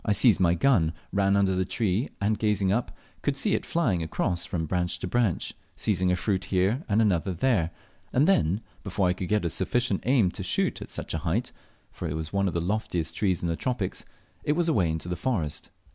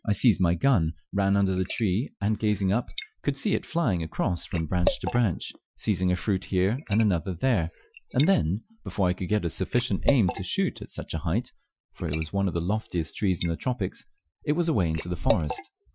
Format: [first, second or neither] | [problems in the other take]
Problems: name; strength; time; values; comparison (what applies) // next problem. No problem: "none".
first | noise reduction (classical method Wiener filter)